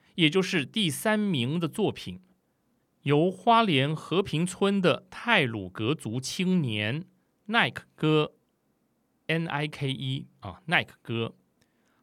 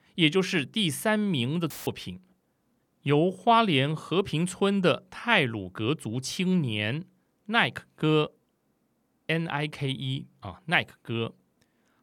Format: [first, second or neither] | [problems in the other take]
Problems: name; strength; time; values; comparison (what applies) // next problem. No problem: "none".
first | audio cutting out; filled with static; at 1.5 s